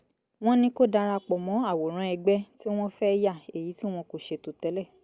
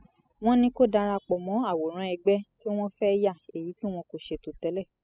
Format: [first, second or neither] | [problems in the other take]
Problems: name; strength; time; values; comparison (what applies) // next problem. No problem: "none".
first | noise reduction (classical method spectral subtraction)